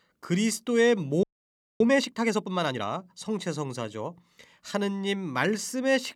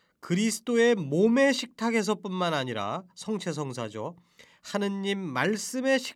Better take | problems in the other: second | audio freezing; at 1 s for 0.5 s

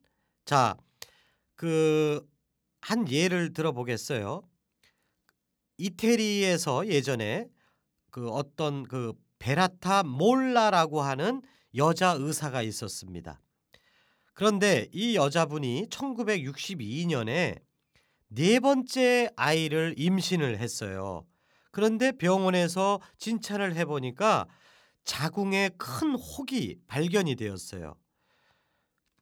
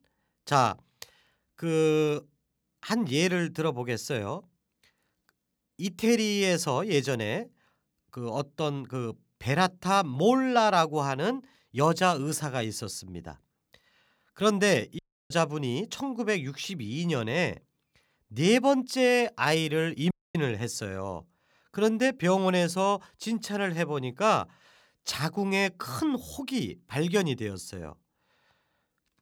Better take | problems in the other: first | audio cutting out; at 15 s and at 20 s

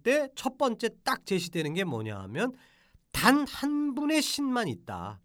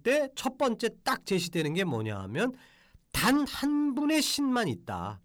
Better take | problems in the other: first | distortion; slight; 10 dB below the speech

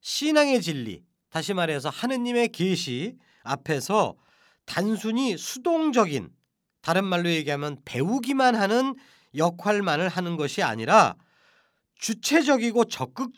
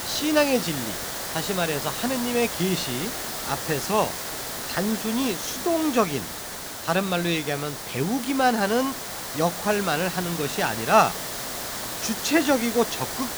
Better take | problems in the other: first | hiss; loud; throughout; 5 dB below the speech

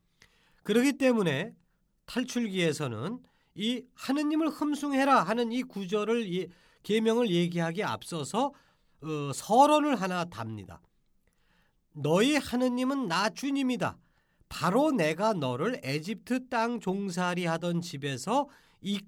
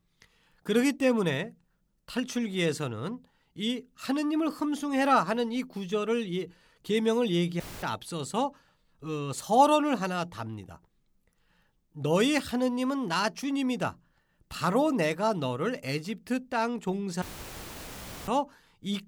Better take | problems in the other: first | audio cutting out; filled with static; at 7.5 s and at 17 s for 1 s

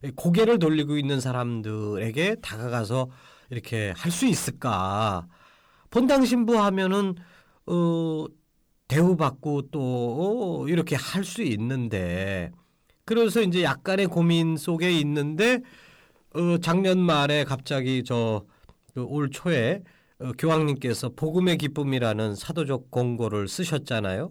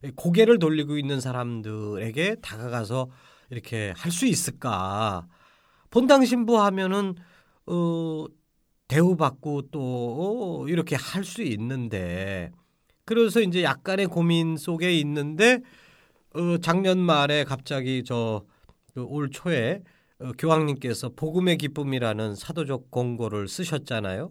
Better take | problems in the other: second | distortion; slight; 10 dB below the speech

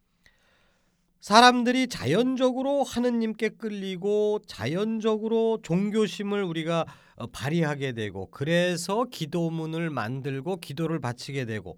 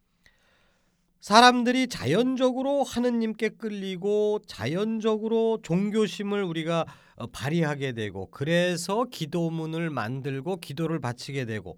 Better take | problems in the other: neither | none

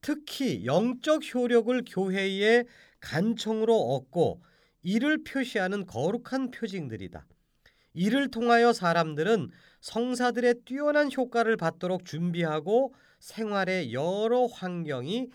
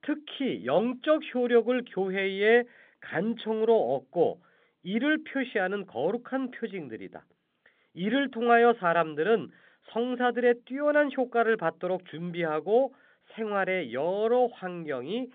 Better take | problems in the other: first | phone-call audio

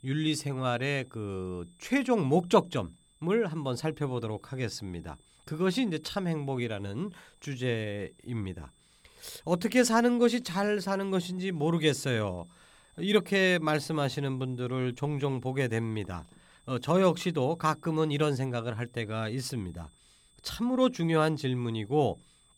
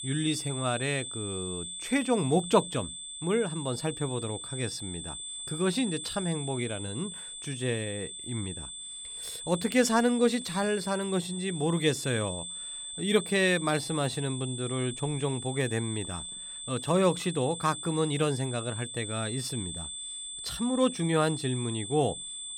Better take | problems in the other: first | high-pitched whine; loud; throughout; 3.5 kHz, 7 dB below the speech; faint in the first

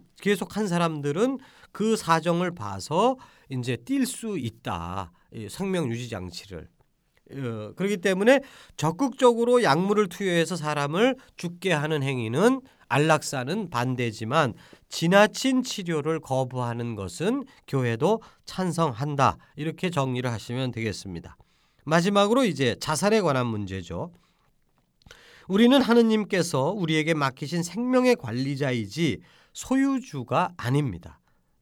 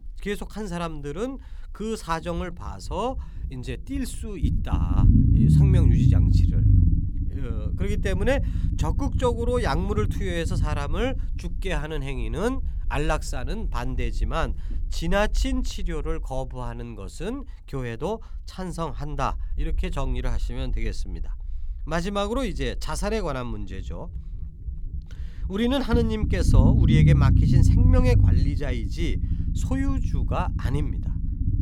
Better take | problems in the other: first | low rumble; loud; throughout; 4 dB below the speech

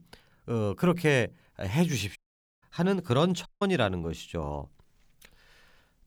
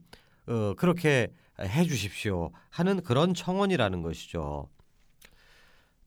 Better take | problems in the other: second | audio cutting out; at 2 s and at 3.5 s

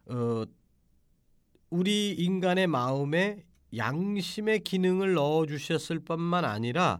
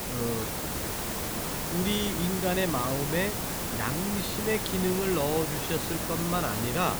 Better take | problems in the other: first | hiss; loud; throughout; as loud as the speech

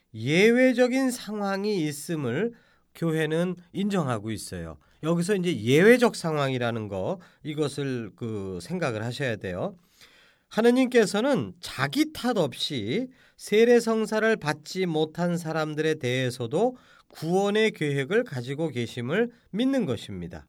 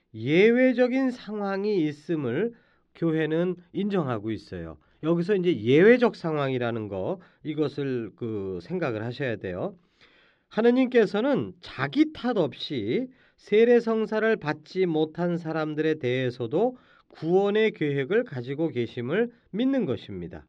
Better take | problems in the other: first | muffled; slightly; fading above 4 kHz

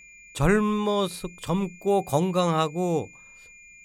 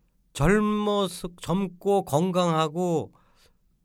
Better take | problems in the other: second | high-pitched whine; faint; throughout; 2.5 kHz, 20 dB below the speech

